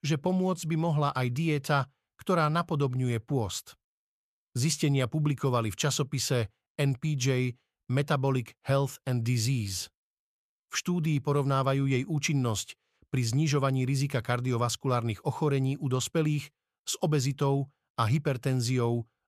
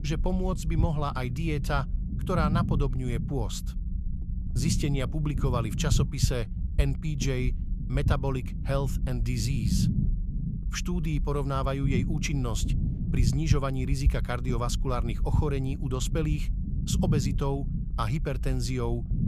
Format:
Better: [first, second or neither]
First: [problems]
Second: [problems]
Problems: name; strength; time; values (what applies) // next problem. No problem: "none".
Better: first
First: none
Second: low rumble; loud; throughout; 9 dB below the speech